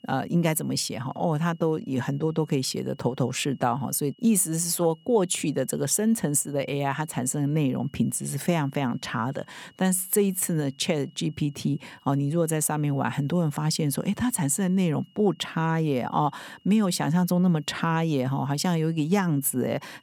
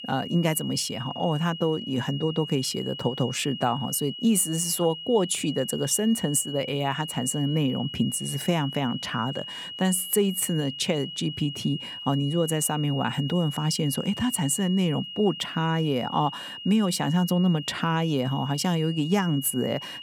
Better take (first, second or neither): first